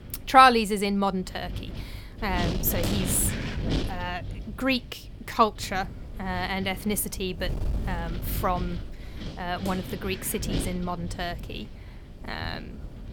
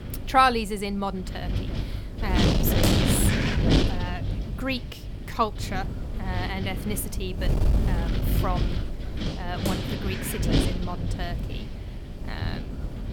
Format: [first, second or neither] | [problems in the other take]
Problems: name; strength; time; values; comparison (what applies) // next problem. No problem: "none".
first | wind noise on the microphone; heavy; 3 dB below the speech; occasional gusts in the first